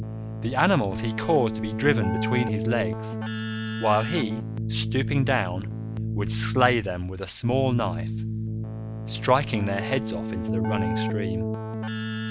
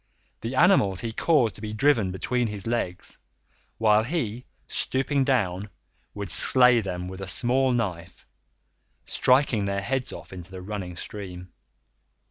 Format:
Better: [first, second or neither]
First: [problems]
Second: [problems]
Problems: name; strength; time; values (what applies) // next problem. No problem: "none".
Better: second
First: background sound (Keyboard (musical)); 2 dB below the speech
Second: none